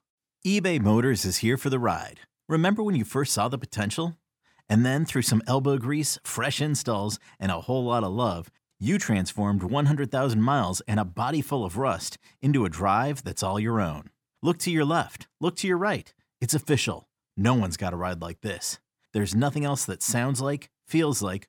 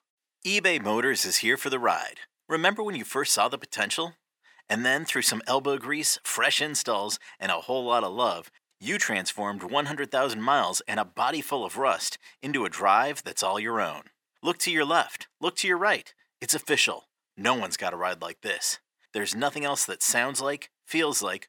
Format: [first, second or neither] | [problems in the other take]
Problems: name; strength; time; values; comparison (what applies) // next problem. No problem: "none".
first | thin; very; fading below 450 Hz